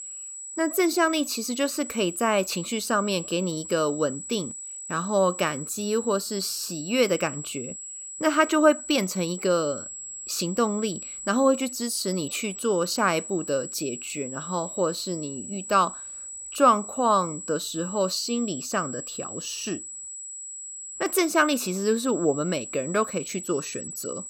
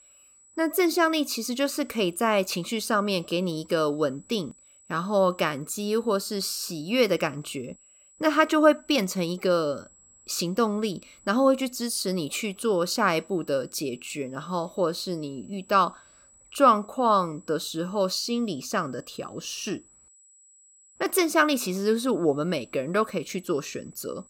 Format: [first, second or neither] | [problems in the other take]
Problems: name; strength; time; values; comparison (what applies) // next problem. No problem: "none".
second | high-pitched whine; loud; throughout; 8 kHz, 9 dB below the speech; faint in the second